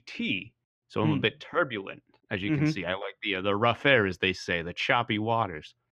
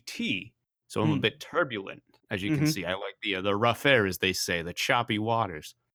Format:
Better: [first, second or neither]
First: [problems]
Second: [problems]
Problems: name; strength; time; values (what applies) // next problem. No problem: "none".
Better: second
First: muffled; slightly; fading above 3 kHz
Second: none